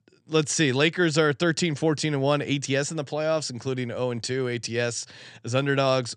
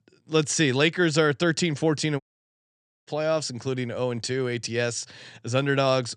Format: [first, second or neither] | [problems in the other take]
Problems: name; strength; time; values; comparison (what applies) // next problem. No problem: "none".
first | audio cutting out; at 2 s for 1 s